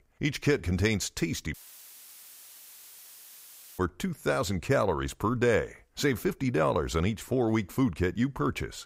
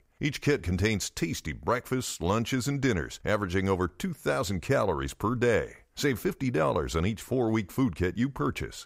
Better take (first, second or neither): second